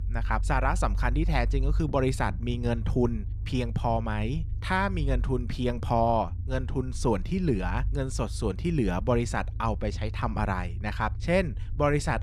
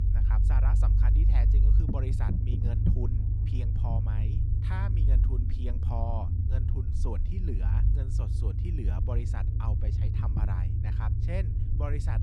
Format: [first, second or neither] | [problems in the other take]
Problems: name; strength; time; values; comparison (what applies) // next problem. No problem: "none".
first | low rumble; loud; throughout; 1 dB below the speech; faint in the first